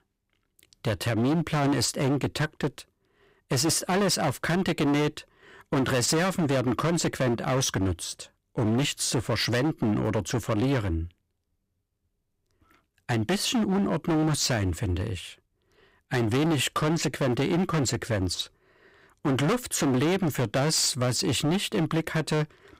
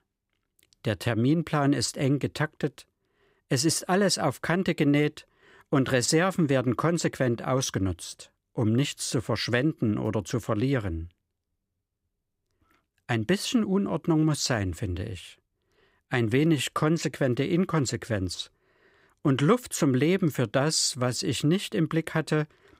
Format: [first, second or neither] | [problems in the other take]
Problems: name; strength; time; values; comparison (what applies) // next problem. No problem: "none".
second | distortion; heavy; 18% of the sound clipped